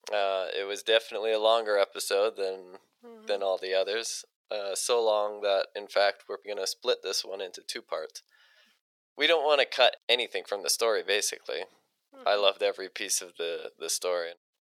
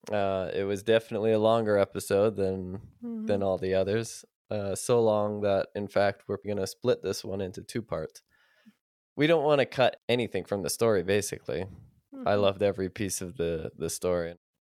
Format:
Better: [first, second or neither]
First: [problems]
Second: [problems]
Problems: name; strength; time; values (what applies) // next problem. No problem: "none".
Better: second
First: thin; very; fading below 500 Hz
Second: none